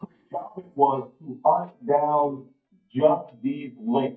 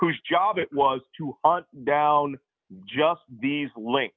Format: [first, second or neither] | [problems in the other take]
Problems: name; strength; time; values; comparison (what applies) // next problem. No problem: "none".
second | noise reduction (neural mask model DeepFilterNet 3)